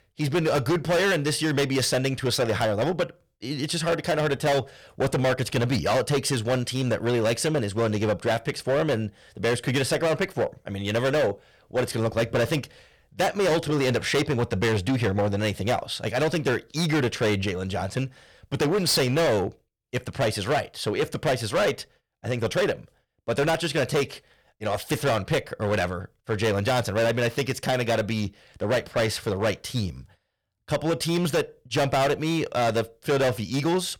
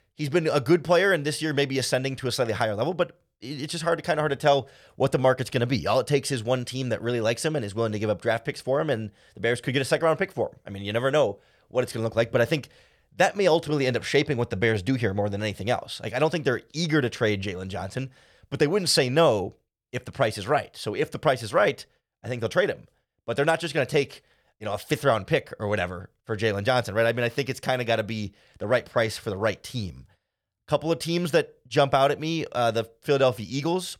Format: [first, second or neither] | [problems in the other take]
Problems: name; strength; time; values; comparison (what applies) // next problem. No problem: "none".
second | distortion; heavy; 14% of the sound clipped